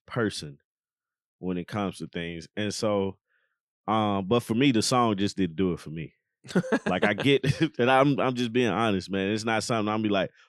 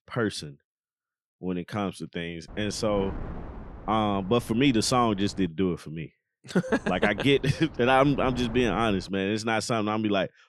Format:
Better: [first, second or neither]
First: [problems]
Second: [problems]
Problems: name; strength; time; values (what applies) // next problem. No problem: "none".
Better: first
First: none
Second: wind noise on the microphone; occasional gusts; from 2.5 to 5.5 s and from 6.5 to 9 s; 20 dB below the speech